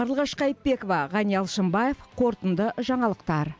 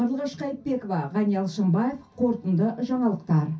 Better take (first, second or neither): first